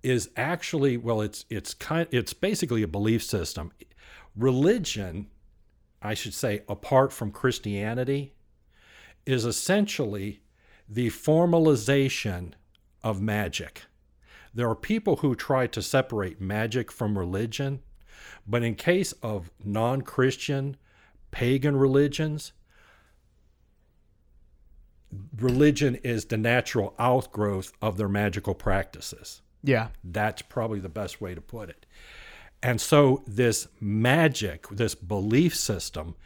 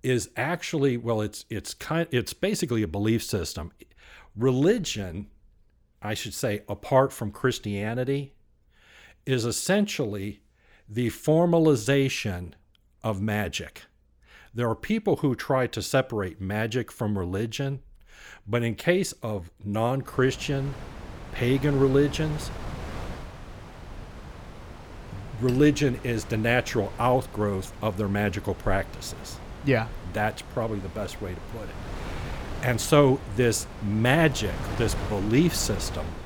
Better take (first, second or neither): first